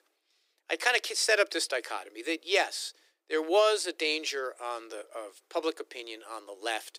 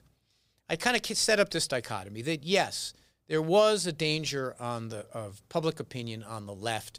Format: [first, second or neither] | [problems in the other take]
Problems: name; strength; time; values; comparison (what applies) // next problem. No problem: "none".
second | thin; very; fading below 300 Hz